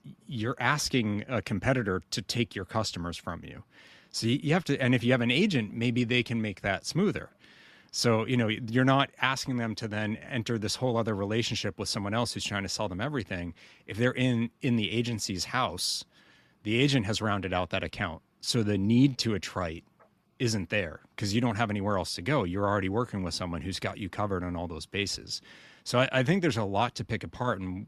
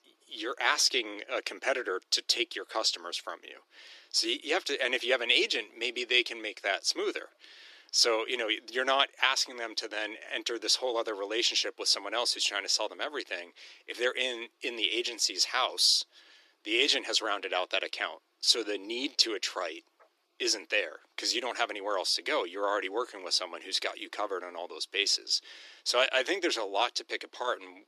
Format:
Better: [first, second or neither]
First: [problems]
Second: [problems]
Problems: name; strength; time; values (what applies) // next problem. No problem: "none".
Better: first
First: none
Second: thin; very; fading below 350 Hz